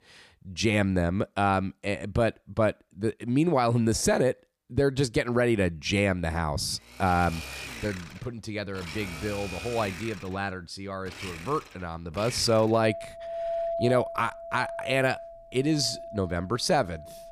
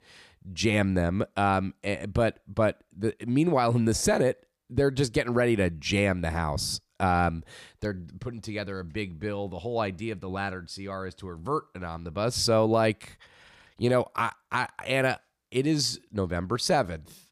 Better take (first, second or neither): second